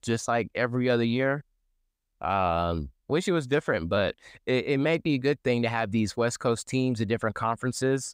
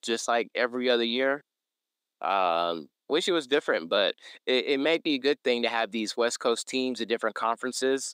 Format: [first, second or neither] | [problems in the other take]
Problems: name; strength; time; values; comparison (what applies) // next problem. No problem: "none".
first | thin; very slightly; fading below 250 Hz